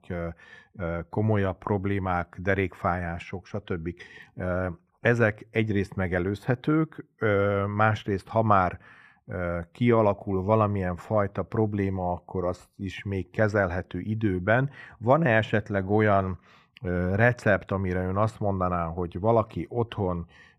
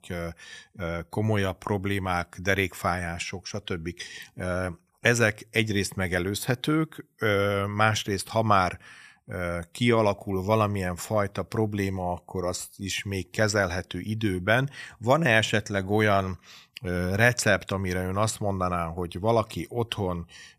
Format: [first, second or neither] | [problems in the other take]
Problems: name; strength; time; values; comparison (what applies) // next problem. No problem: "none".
second | muffled; very; fading above 3 kHz